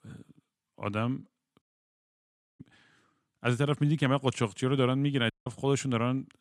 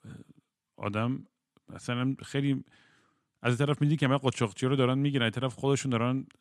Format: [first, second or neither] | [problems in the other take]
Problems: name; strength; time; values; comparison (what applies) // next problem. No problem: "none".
second | audio cutting out; at 1.5 s for 1 s and at 5.5 s